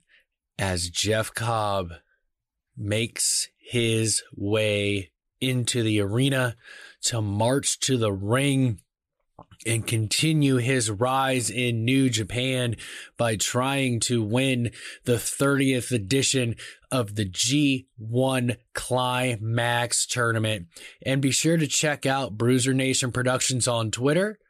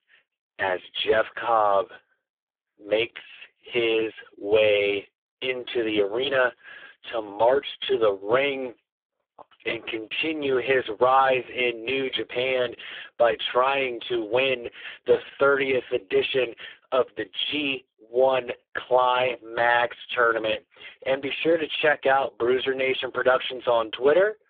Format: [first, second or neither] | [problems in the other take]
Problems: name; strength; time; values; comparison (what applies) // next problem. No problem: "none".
first | phone-call audio; poor line; nothing above 3.5 kHz